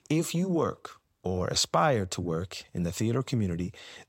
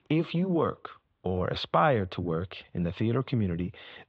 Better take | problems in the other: first | muffled; very; fading above 3.5 kHz

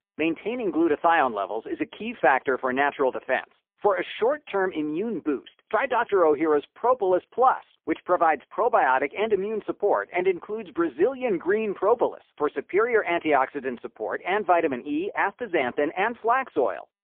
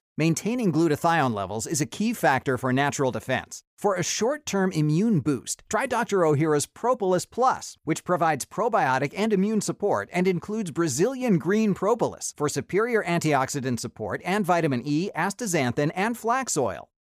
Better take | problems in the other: second | phone-call audio; poor line; nothing above 3.5 kHz

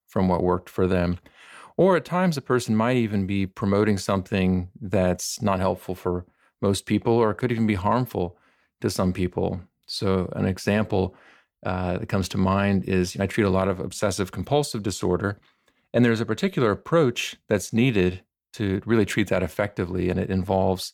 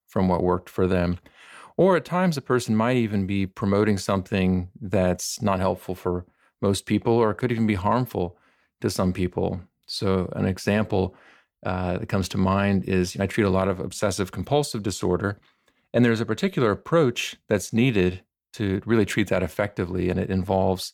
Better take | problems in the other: neither | none

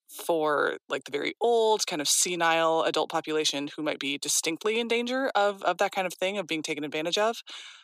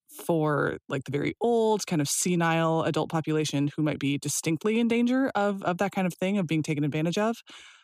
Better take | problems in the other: second | thin; somewhat; fading below 500 Hz

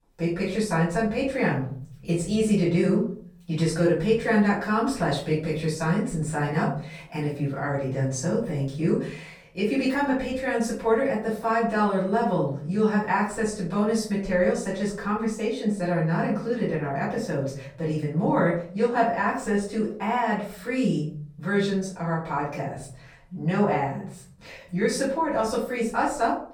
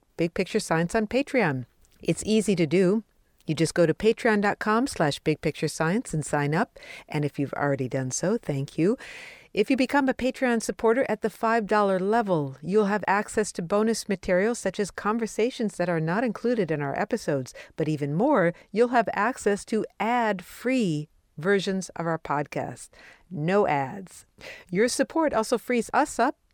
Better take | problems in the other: second | off-mic speech; far // room echo; noticeable; dies away in 0.6 s

